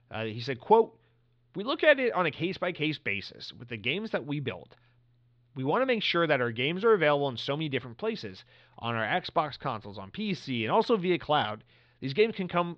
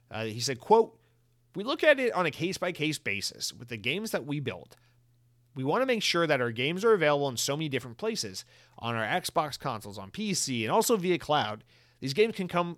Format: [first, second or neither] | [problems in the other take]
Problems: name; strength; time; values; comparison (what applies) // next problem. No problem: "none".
second | muffled; slightly; fading above 4 kHz